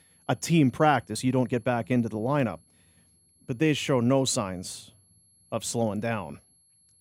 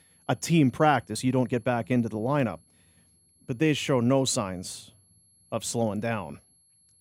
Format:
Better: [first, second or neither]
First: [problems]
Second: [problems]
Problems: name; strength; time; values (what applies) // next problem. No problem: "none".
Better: neither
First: high-pitched whine; faint; throughout; 11 kHz, 35 dB below the speech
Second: high-pitched whine; faint; throughout; 11 kHz, 35 dB below the speech